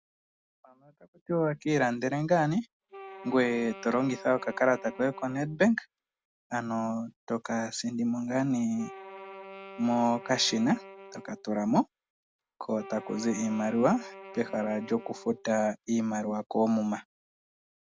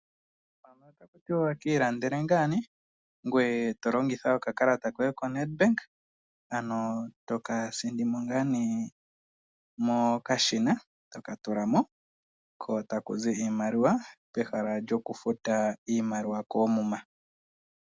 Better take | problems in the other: second | background sound (Wind instrument, woodwind instrument); 17 dB below the speech

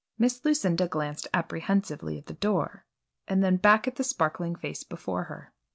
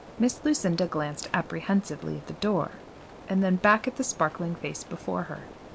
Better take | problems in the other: first | background sound (Rain); 17 dB below the speech

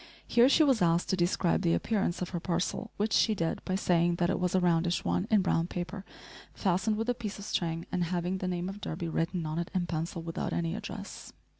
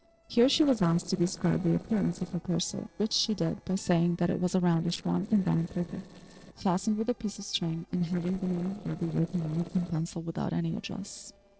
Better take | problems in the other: first | noise reduction (neural separator model SepFormer DNS4)

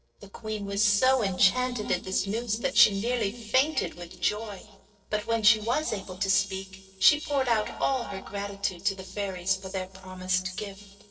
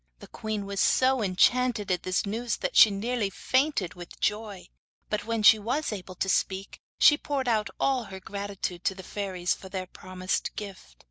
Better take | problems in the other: second | noise reduction (neural separator model SepFormer DNS4)

